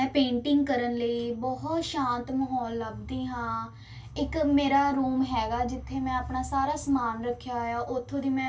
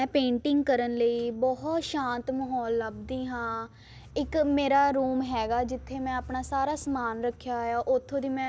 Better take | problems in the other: second | room echo; dies away in 0.2 s

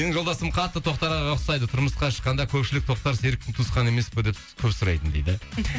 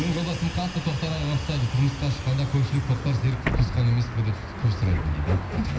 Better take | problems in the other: first | background sound (Bus); 8 dB below the speech // room echo; dies away in 0.9 s

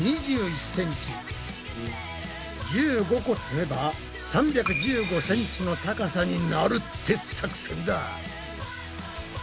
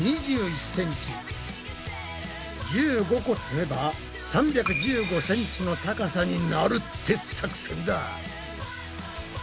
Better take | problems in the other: second | background sound (Brass instrument); 14 dB below the speech

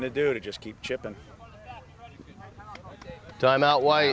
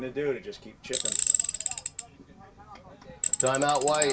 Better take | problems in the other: first | background sound (Tools); 1 dB above the speech // room echo; dies away in 0.2 s

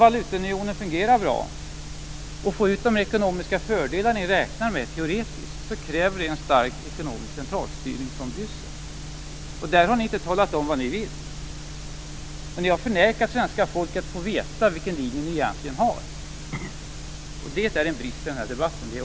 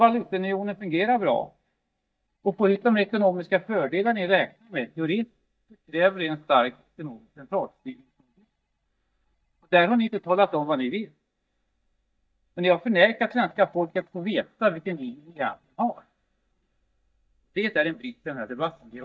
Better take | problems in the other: first | noise reduction (neural mask model DeepFilterNet 3)

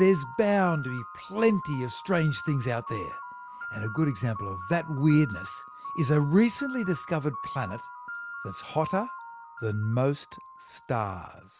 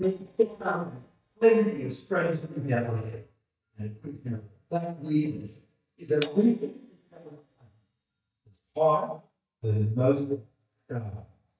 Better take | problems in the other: first | noise reduction (neural mask model DeepFilterNet 3)

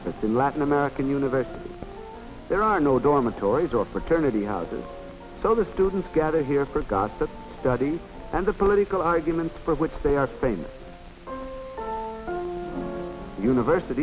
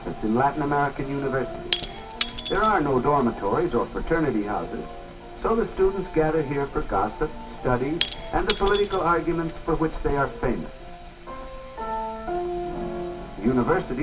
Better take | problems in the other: first | background sound (Shatter / Crushing); 11 dB below the speech // room echo; dies away in 0.2 s

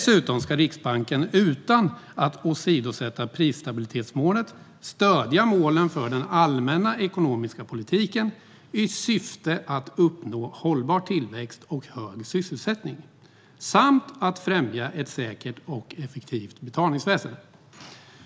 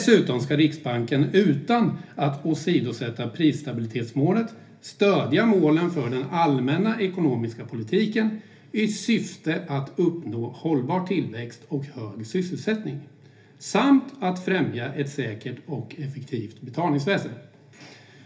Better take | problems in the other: first | room echo; dies away in 0.3 s

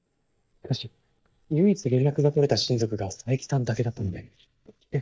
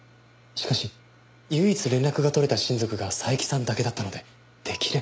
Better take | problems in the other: second | noise reduction (neural mask model DeepFilterNet 3)

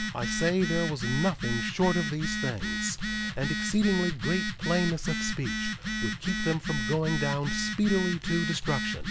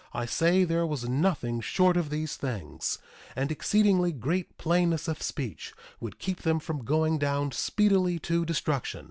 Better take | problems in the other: second | background sound (Telephone); 2 dB below the speech

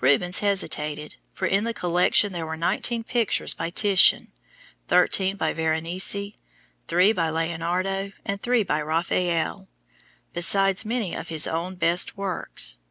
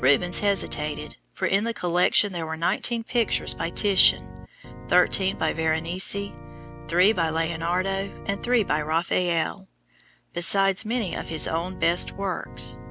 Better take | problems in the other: first | background sound (Organ); 14 dB below the speech

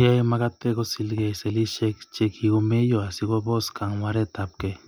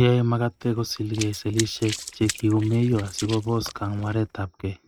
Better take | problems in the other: first | noise reduction (neural mask model RNNoise)

